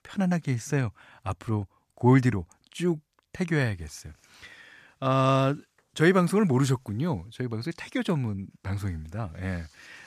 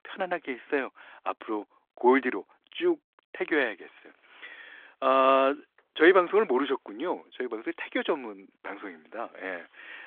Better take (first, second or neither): first